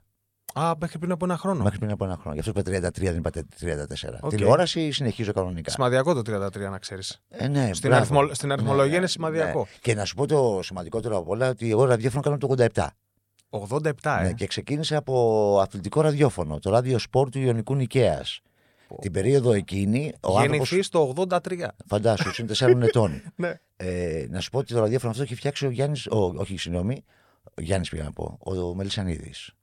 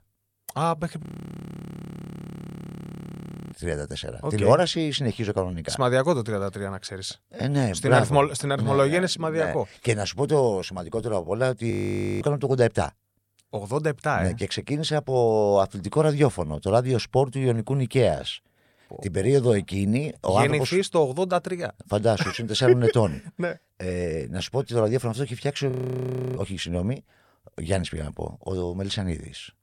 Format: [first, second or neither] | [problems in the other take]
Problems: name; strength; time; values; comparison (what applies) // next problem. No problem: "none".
first | audio freezing; at 1 s for 2.5 s, at 12 s for 0.5 s and at 26 s for 0.5 s